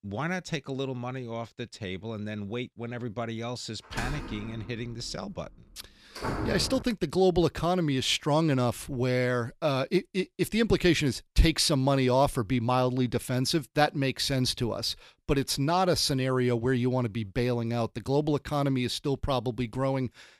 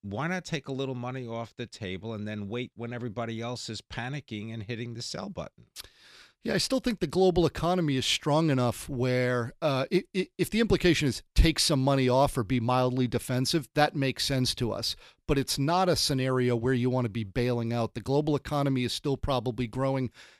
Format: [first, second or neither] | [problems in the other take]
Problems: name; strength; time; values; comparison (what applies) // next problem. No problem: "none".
second | door banging; noticeable; from 4 to 7 s; peak 4 dB below the speech